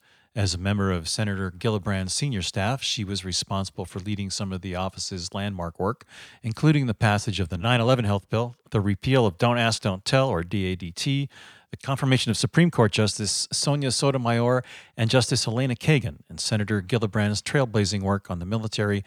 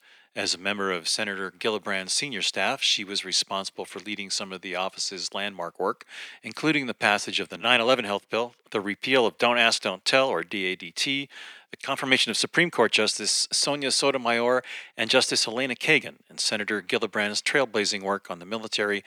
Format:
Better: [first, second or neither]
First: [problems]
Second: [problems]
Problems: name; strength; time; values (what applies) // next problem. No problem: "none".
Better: first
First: none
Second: thin; somewhat; fading below 300 Hz